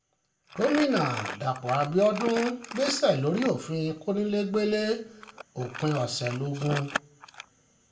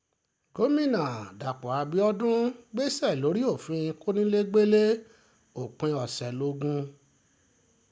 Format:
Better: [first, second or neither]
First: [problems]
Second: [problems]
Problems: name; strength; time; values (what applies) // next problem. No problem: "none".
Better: second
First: background sound (Crumpling, crinkling); 11 dB below the speech // room echo; dies away in 0.3 s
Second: none